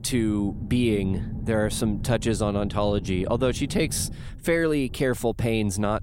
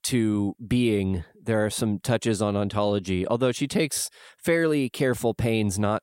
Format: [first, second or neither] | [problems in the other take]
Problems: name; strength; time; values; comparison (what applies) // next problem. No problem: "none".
second | low rumble; noticeable; throughout; 15 dB below the speech